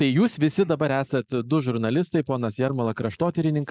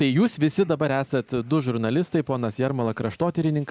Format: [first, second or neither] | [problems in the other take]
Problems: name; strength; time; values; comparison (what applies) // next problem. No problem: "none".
second | noise reduction (neural mask model Resemble Enhance denoiser)